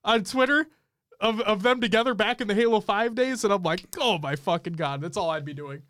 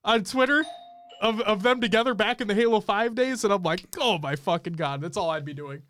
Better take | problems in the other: first | doorbell; faint; at 0.5 s; peak 15 dB below the speech

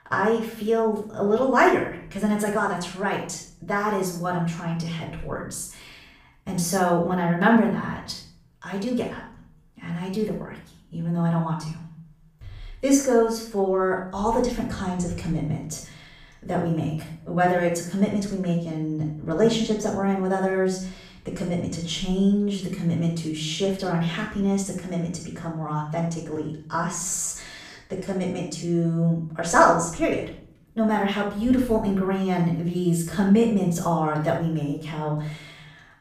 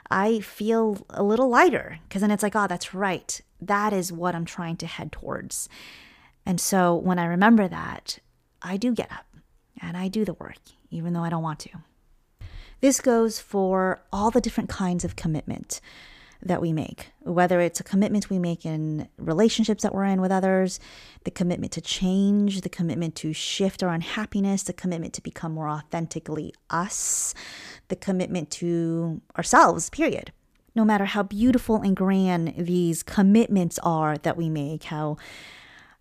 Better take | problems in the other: second | off-mic speech; far // room echo; noticeable; dies away in 0.5 s

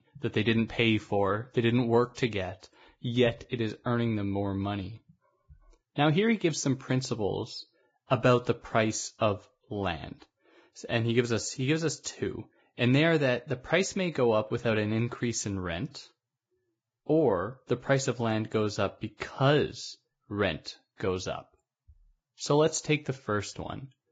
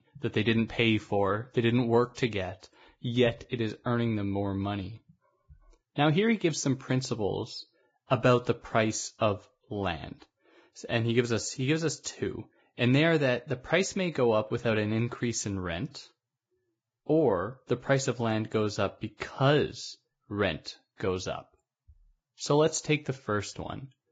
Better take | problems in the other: neither | garbled, watery; badly; nothing above 7.5 kHz; the same in both

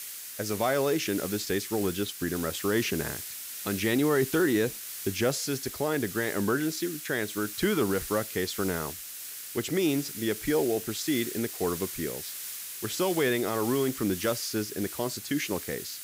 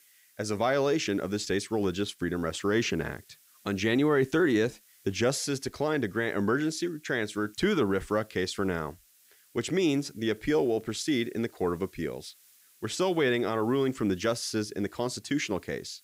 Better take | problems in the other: second | hiss; loud; throughout; 7 dB below the speech; faint in the second

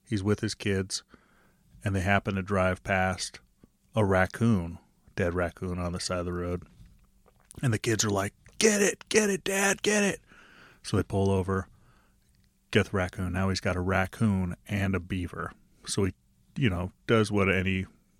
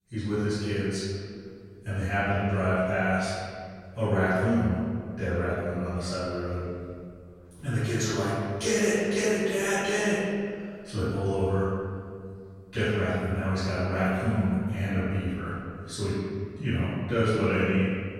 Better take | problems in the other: first | off-mic speech; far // room echo; strong; dies away in 1.9 s

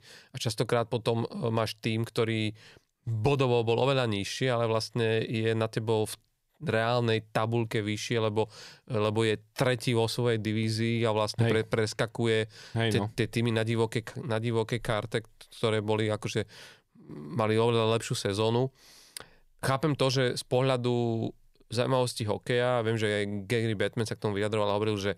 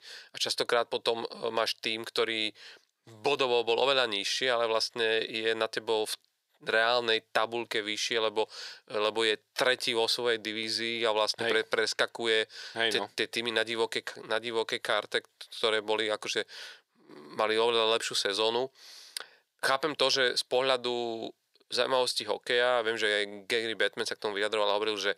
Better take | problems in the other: first | thin; very; fading below 500 Hz

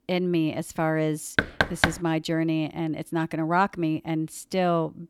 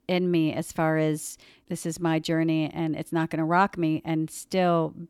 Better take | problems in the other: second | door banging; loud; at 1.5 s; peak 3 dB above the speech

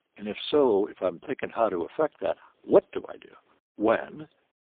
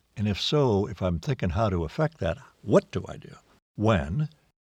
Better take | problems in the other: second | phone-call audio; poor line; nothing above 3.5 kHz

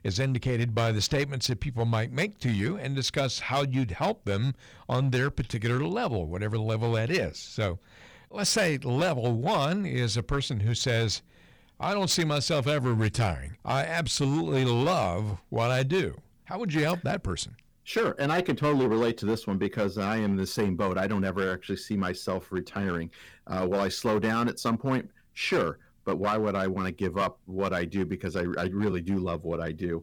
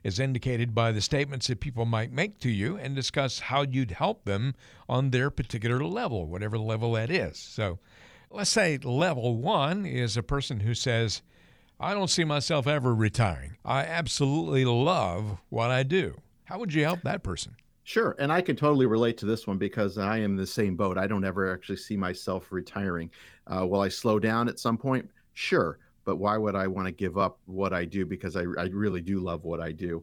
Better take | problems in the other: second | distortion; slight; 7% of the sound clipped

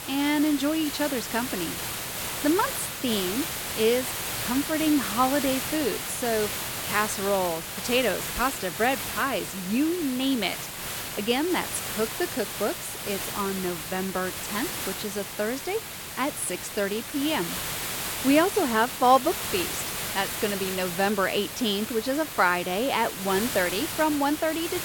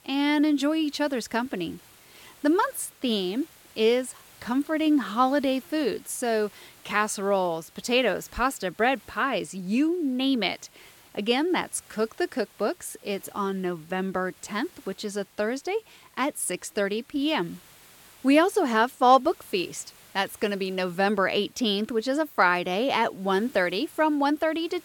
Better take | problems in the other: second | hiss; loud; throughout; 4 dB below the speech; faint in the second

